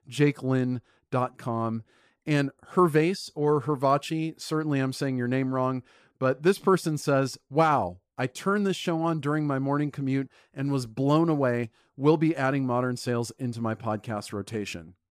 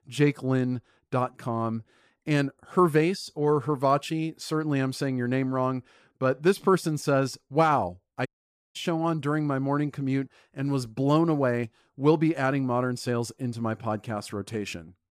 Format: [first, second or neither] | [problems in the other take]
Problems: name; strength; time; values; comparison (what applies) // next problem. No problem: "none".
first | audio cutting out; at 8.5 s